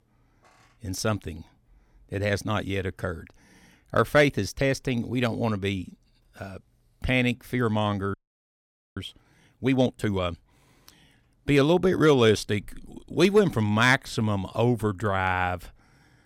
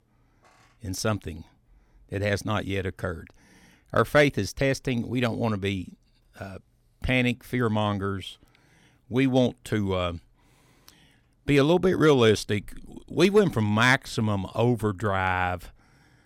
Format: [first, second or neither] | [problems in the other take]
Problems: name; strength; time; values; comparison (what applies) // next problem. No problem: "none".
second | audio freezing; at 8 s for 1 s